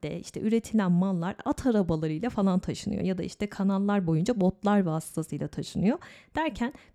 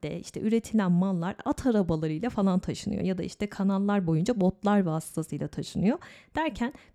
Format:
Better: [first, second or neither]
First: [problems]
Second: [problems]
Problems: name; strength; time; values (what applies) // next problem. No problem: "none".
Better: neither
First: none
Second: none